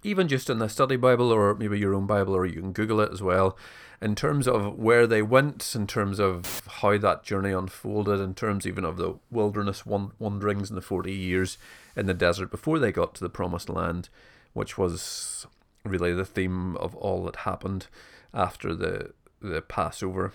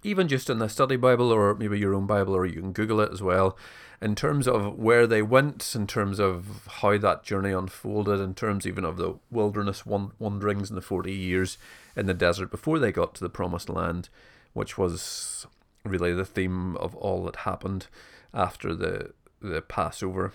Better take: second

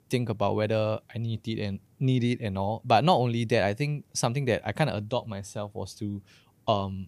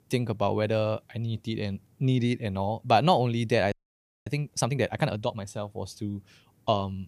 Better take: first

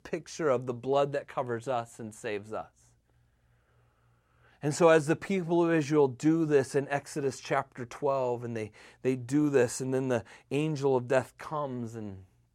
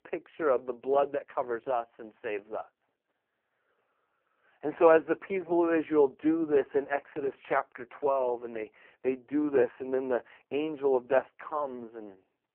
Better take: first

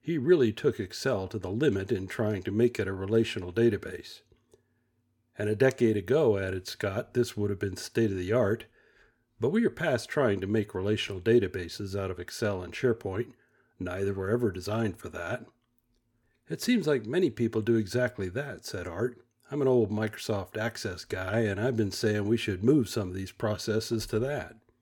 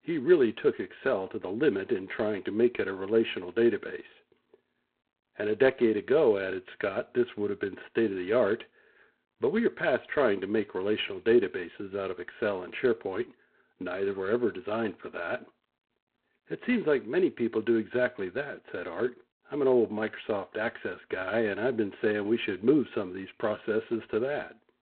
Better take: first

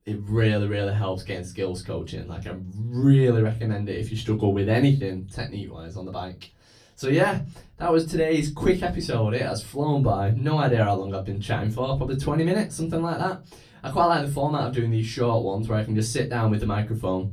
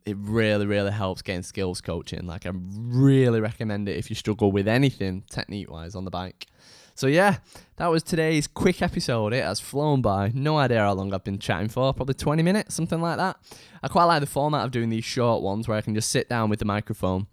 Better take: second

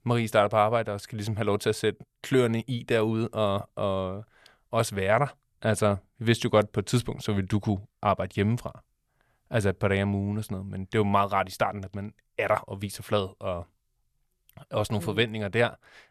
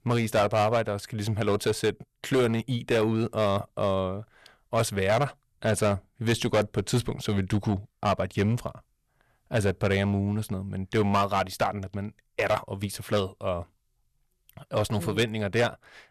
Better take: first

